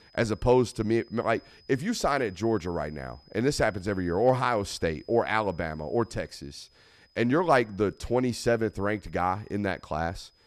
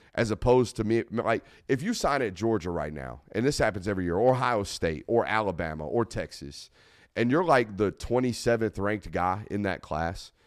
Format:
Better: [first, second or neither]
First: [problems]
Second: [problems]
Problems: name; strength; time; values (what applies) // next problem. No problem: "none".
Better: second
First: high-pitched whine; faint; throughout; 5 kHz, 30 dB below the speech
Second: none